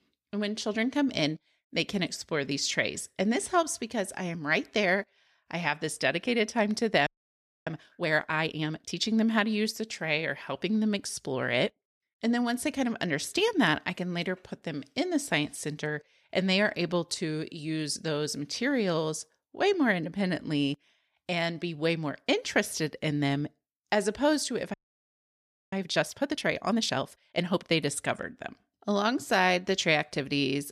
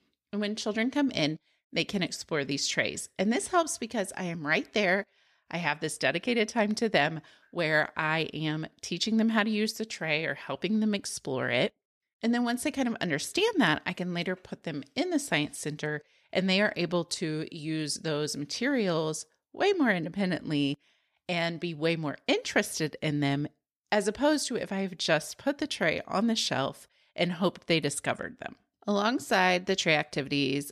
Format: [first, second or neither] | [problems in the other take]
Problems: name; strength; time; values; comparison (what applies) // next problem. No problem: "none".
second | audio freezing; at 7 s for 0.5 s and at 25 s for 1 s